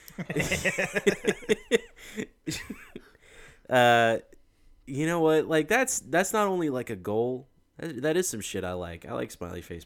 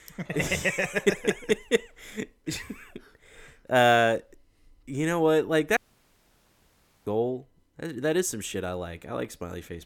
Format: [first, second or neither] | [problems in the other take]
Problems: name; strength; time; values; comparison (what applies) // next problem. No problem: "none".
first | audio cutting out; at 6 s for 1.5 s